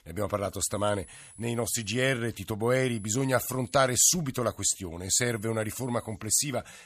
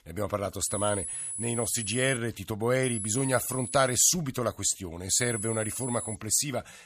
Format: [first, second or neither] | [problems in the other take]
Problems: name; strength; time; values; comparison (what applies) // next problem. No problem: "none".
first | high-pitched whine; loud; from 0.5 to 2 s, from 3 to 4 s and from 5 to 6 s; 10.5 kHz, 6 dB below the speech; faint in the first